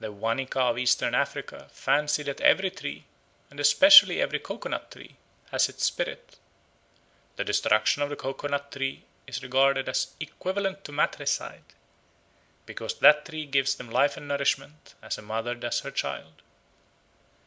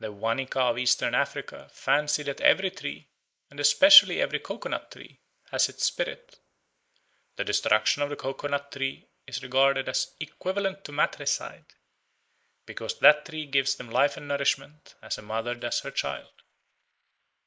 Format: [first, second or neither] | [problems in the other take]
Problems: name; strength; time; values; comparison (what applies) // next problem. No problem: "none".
first | noise reduction (neural mask model Resemble Enhance denoiser)